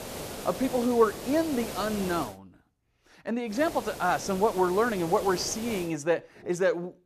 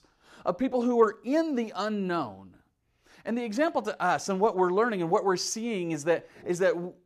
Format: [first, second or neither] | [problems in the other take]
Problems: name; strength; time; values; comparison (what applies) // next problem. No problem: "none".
second | hiss; noticeable; until 2.5 s and from 3.5 to 6 s; 10 dB below the speech